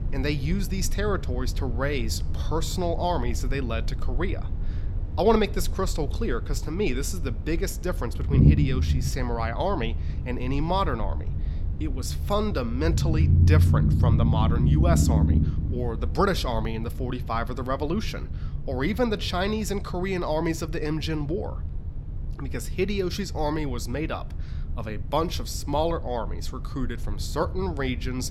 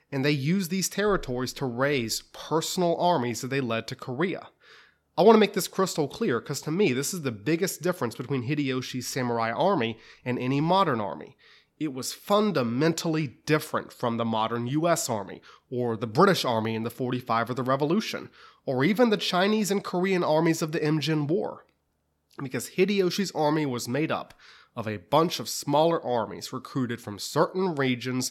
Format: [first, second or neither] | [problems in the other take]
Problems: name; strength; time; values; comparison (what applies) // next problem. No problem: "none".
second | low rumble; noticeable; throughout; 10 dB below the speech